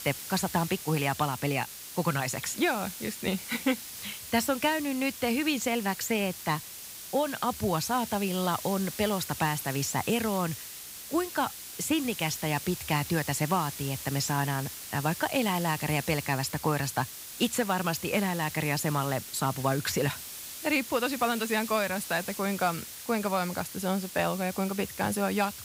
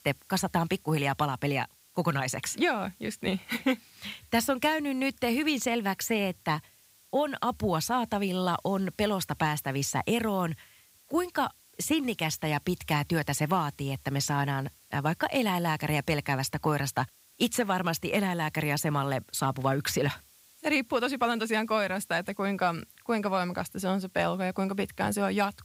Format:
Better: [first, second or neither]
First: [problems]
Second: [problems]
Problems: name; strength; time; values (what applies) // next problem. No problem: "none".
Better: second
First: hiss; loud; throughout; 9 dB below the speech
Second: hiss; faint; throughout; 25 dB below the speech